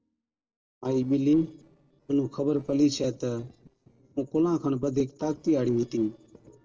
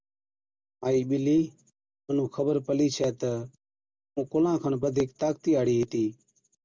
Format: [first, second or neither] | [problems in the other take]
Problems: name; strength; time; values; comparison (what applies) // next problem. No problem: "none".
second | noise reduction (neural separator model SepFormer DNS4)